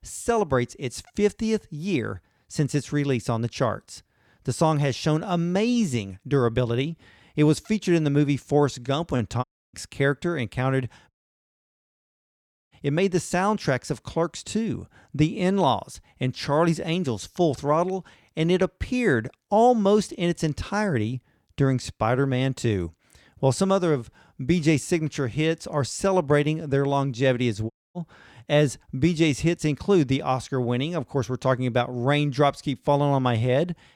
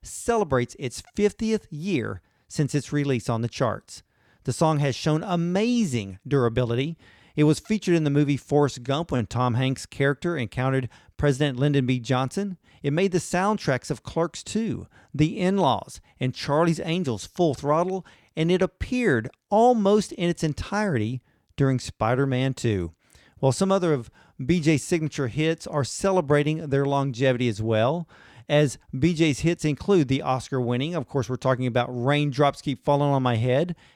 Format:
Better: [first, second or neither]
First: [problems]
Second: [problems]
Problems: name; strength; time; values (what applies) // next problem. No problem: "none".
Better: second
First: audio cutting out; at 9.5 s, at 11 s for 1.5 s and at 28 s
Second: none